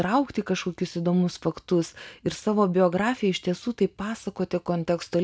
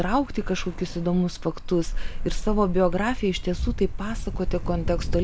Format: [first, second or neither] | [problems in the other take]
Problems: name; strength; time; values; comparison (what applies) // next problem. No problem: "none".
first | background sound (Ocean); 2 dB below the speech